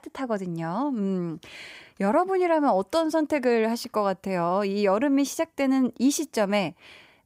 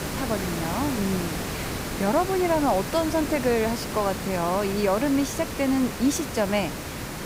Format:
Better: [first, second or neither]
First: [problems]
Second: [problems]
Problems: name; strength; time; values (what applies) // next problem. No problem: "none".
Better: first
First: none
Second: hiss; loud; throughout; 6 dB below the speech